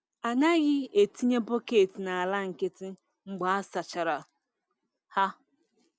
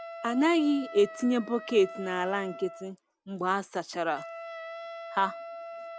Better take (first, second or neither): first